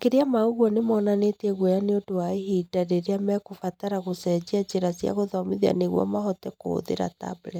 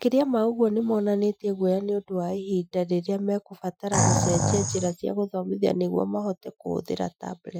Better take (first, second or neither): first